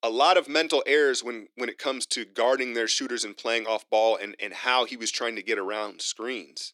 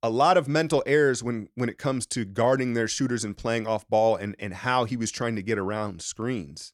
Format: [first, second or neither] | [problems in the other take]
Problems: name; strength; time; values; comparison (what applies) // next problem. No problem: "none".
second | thin; somewhat; fading below 300 Hz